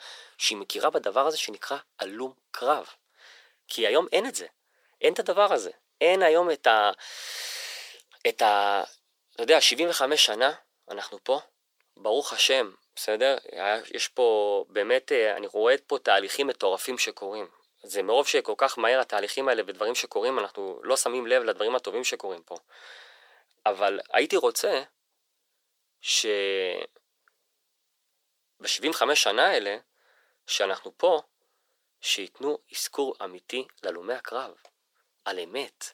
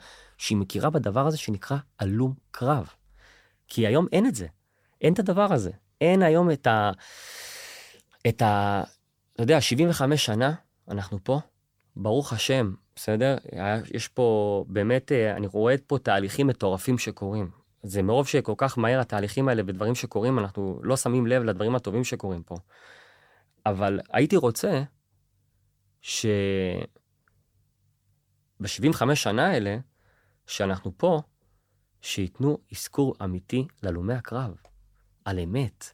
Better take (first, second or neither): second